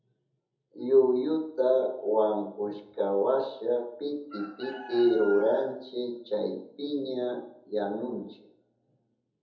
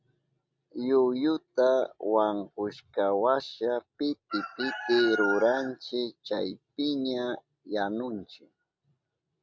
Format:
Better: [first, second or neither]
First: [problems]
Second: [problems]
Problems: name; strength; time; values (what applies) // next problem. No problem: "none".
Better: second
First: room echo; dies away in 0.7 s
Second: none